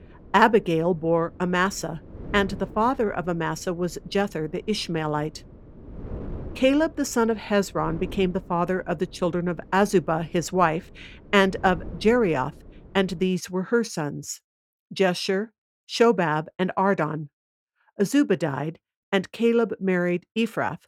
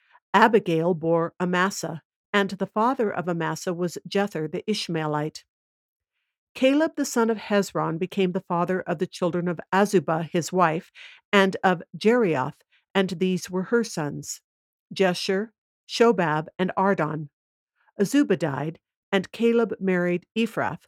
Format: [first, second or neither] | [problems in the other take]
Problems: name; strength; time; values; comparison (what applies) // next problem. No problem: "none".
second | wind noise on the microphone; occasional gusts; until 13 s; 25 dB below the speech